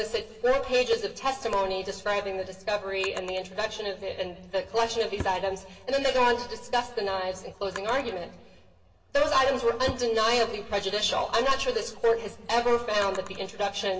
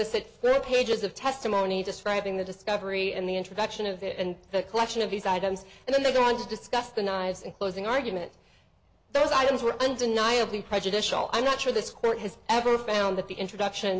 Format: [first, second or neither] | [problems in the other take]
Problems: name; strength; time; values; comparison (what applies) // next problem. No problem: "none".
second | background sound (Drawer open or close); 19 dB below the speech // room echo; dies away in 1.1 s